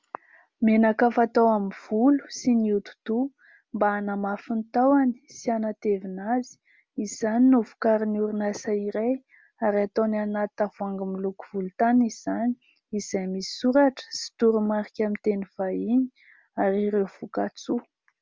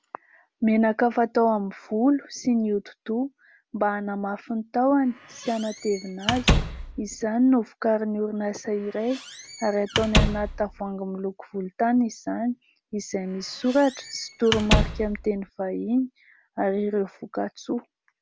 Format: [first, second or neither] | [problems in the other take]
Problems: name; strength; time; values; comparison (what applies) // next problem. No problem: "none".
first | background sound (Squeak / Slam); 2 dB below the speech